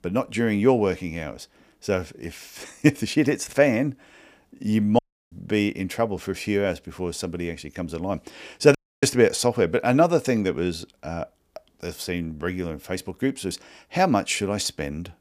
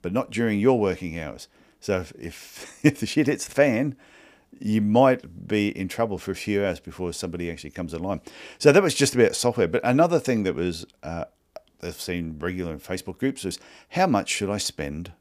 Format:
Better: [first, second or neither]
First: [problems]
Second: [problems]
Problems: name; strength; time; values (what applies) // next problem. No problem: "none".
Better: second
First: audio cutting out; at 5 s and at 9 s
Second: none